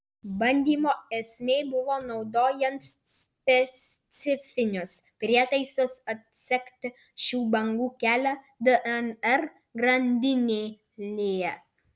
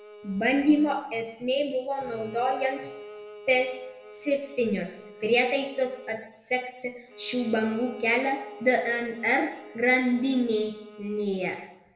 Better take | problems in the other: first | background sound (Bowed string instrument); 18 dB below the speech // room echo; dies away in 0.8 s

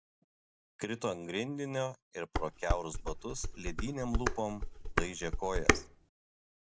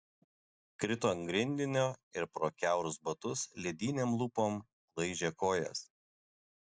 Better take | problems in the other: second | background sound (Dishes, pots, and pans); 4 dB above the speech

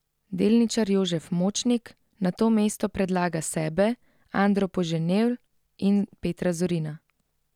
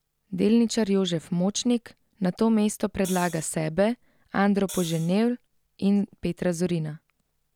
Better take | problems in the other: first | background sound (Hi-hat); 16 dB below the speech

